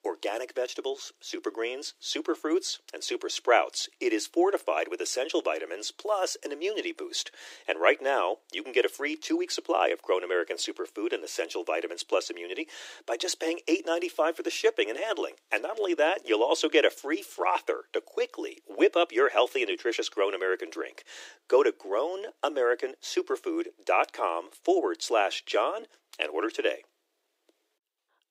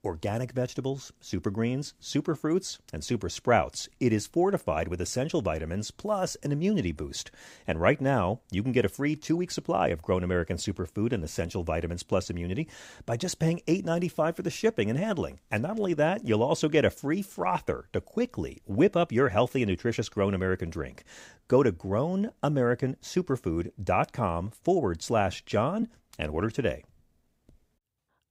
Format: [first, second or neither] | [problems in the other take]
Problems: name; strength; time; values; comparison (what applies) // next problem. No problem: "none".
second | thin; very; fading below 300 Hz